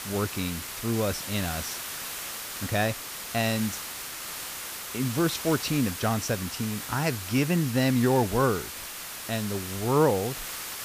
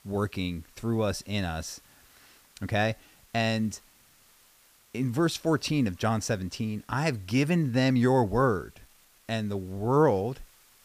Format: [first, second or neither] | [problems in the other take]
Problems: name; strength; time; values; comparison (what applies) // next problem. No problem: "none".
second | hiss; loud; throughout; 7 dB below the speech; faint in the second